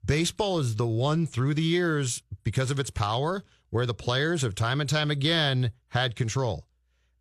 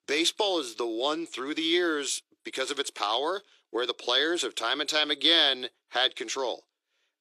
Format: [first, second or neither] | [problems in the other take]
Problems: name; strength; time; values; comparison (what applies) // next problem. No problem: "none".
first | thin; very; fading below 300 Hz